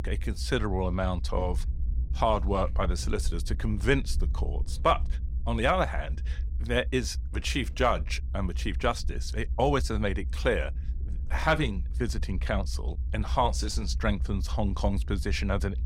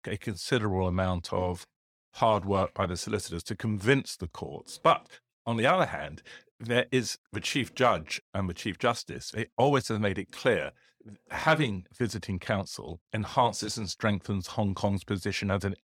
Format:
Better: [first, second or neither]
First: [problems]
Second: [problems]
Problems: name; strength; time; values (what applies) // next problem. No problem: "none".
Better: second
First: low rumble; faint; throughout; 25 dB below the speech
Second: none